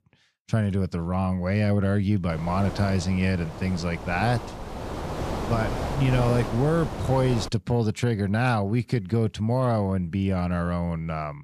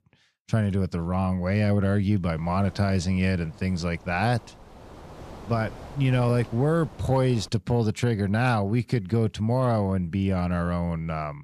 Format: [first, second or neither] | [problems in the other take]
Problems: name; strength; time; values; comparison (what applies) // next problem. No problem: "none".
second | wind noise on the microphone; heavy; from 2.5 to 7.5 s; 6 dB below the speech; occasional gusts in the second